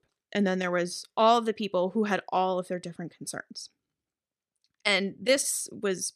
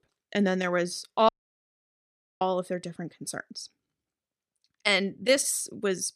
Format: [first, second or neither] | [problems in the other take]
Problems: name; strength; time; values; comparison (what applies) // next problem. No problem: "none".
first | audio cutting out; at 1.5 s for 1 s